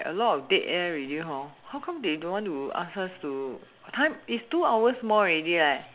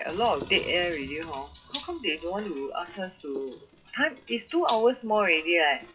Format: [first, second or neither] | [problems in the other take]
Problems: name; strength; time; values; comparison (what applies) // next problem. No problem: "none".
first | noise reduction (classical method WPE with log-MMSE)